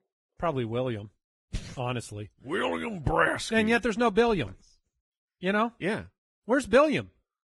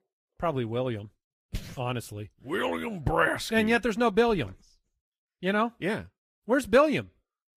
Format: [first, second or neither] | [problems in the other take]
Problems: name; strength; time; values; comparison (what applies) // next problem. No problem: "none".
second | garbled, watery; badly; nothing above 10.5 kHz; slightly in the second